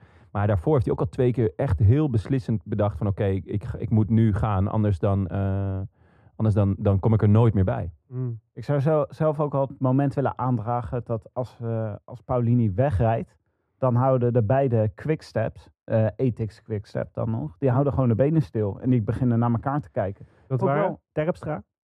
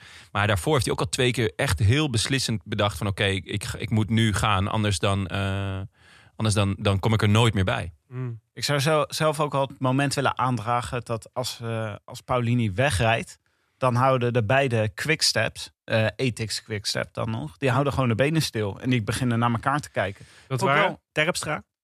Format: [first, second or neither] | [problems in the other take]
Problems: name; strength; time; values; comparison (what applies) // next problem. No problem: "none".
second | muffled; very; fading above 1.5 kHz